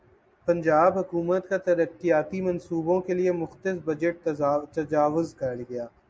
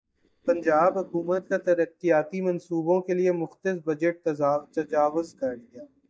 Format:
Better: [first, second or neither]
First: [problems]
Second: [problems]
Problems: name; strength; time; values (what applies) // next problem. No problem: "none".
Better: first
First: none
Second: noise reduction (neural mask model DeepFilterNet 3)